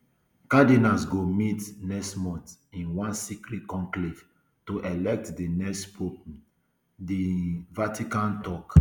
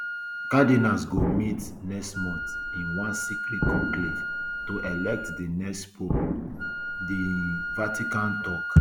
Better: first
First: none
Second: background sound (Explosion + Wind instrument, woodwind instrument); 3 dB below the speech

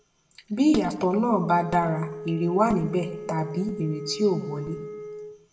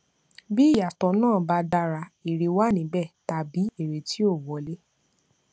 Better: second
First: background sound (Wind instrument, woodwind instrument); 13 dB below the speech // room echo; dies away in 0.7 s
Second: none

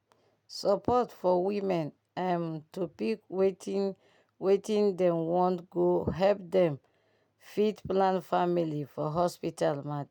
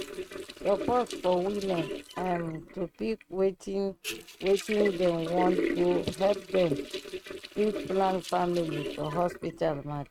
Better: first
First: none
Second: noise reduction (neural mask model RNNoise)

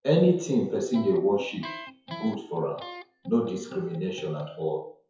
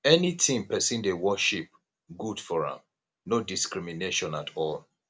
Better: second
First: noise reduction (classical method WPE with log-MMSE)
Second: none

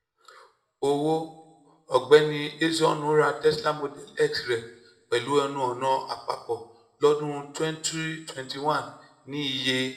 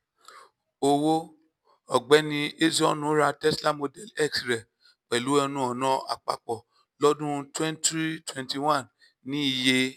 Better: second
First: room echo; dies away in 0.7 s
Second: none

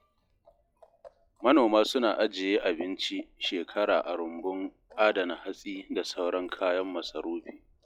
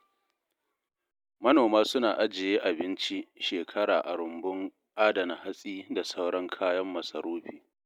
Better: second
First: noise reduction (classical method log-MMSE)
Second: none

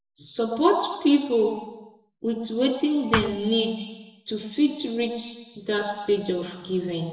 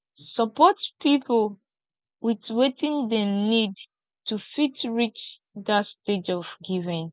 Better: second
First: background sound (Thump, thud); 2 dB below the speech // room echo; dies away in 1.1 s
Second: none

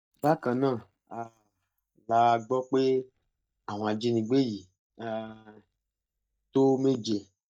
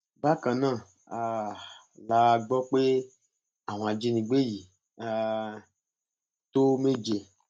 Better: second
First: noise reduction (neural mask model DeepFilterNet 3)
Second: none

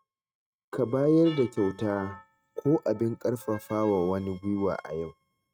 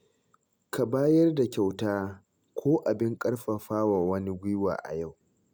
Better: second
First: noise reduction (neural mask model RNNoise)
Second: none

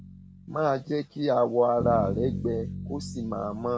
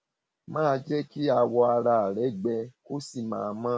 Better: second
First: background sound (Bass guitar); 8 dB below the speech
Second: none

